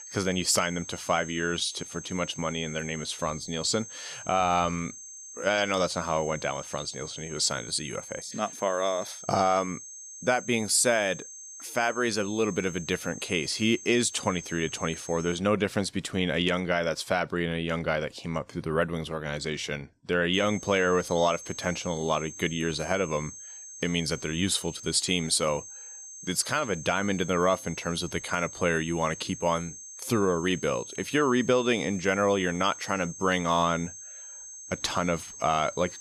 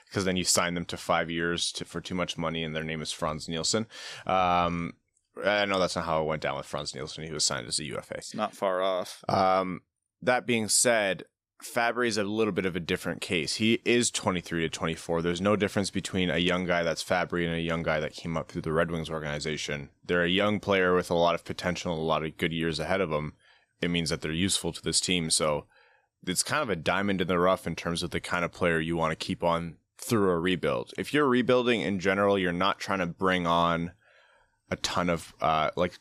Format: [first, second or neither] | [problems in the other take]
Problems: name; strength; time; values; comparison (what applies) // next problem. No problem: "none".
second | high-pitched whine; noticeable; until 15 s and from 20 s on; 6.5 kHz, 15 dB below the speech